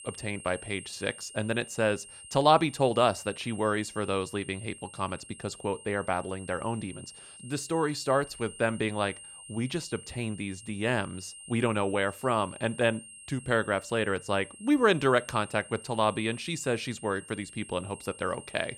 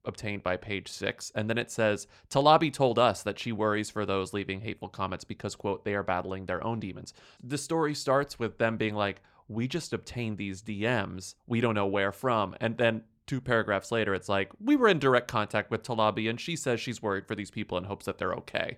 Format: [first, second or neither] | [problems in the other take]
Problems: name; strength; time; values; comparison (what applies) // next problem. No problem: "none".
second | high-pitched whine; noticeable; throughout; 8.5 kHz, 15 dB below the speech